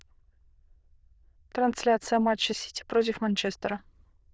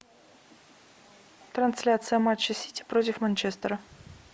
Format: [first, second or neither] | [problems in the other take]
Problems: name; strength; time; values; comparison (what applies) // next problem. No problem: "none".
second | noise reduction (neural diffusion model UNIVERSE++)